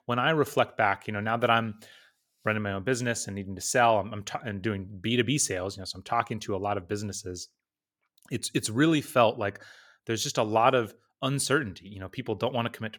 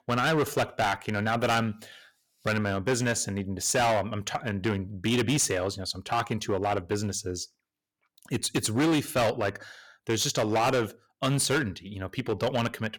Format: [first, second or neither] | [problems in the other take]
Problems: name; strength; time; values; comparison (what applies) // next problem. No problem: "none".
first | distortion; heavy; 10% of the sound clipped